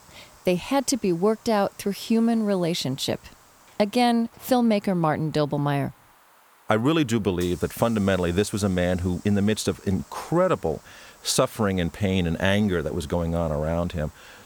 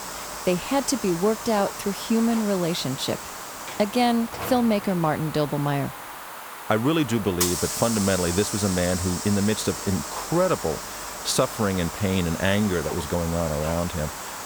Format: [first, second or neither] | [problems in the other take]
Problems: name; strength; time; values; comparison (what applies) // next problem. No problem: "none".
first | hiss; loud; throughout; 7 dB below the speech; faint in the first